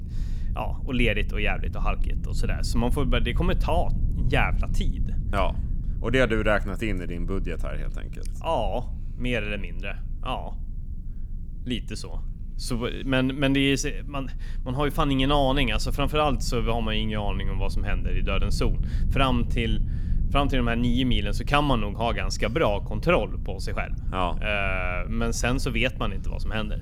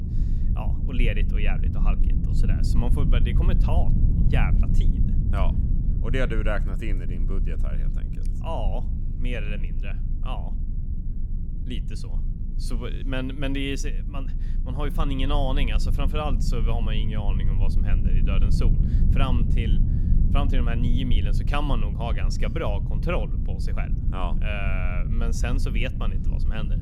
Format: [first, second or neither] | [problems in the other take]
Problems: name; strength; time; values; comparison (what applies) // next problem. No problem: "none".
first | low rumble; loud; throughout; 7 dB below the speech; faint in the first